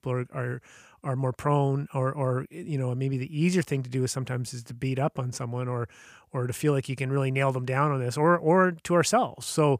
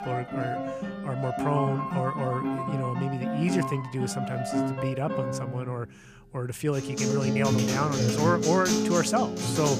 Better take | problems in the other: first | background music; very loud; throughout; as loud as the speech

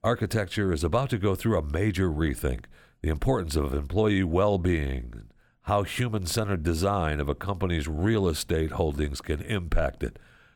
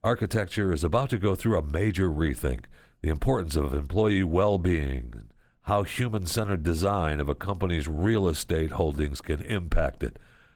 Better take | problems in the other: first | garbled, watery; slightly; nothing above 17.5 kHz

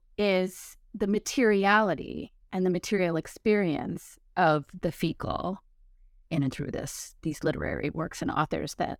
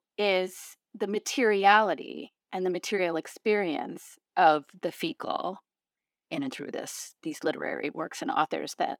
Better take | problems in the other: first | thin; somewhat; fading below 250 Hz

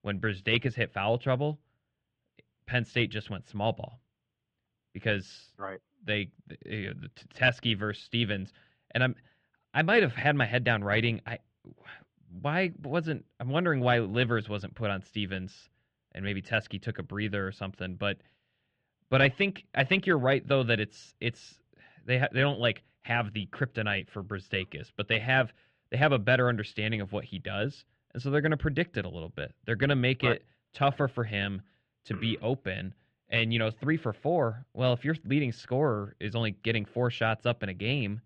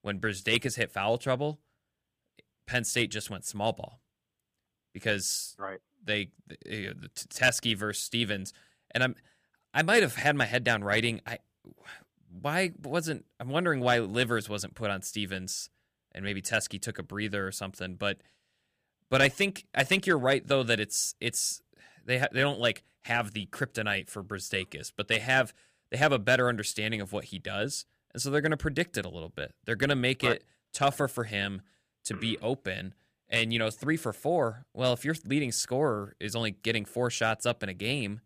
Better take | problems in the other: second | muffled; very; fading above 3 kHz

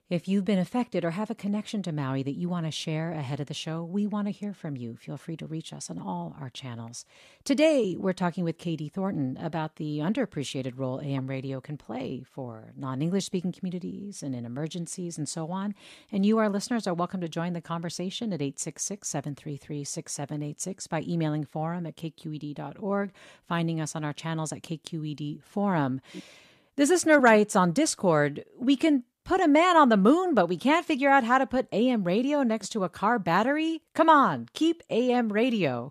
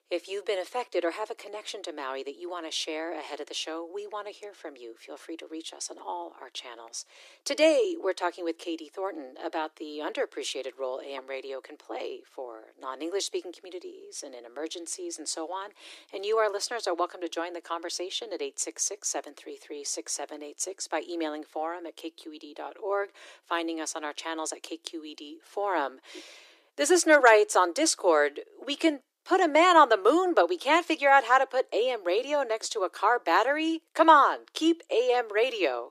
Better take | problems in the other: first | thin; very; fading below 350 Hz

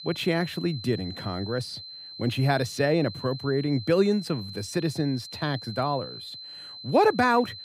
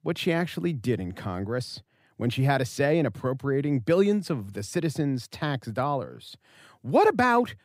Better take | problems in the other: second | high-pitched whine; noticeable; throughout; 4 kHz, 15 dB below the speech

